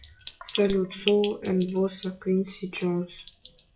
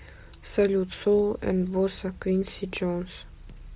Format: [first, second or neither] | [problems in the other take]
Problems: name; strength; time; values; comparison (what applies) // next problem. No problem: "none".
second | noise reduction (classical method WPE with log-MMSE)